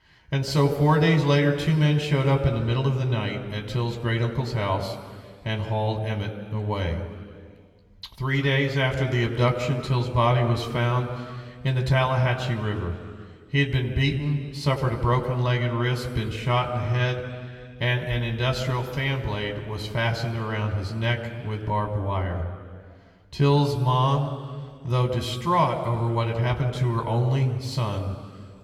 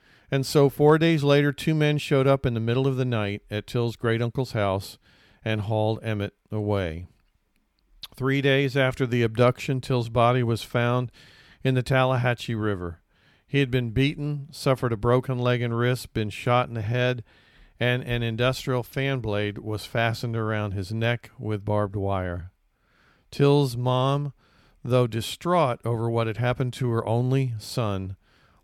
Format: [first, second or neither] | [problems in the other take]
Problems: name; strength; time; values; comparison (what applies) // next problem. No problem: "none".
second | room echo; slight; dies away in 2 s // off-mic speech; somewhat distant